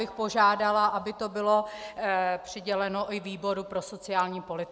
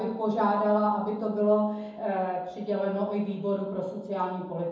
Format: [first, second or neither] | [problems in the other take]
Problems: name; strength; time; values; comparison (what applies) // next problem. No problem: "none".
first | room echo; dies away in 0.9 s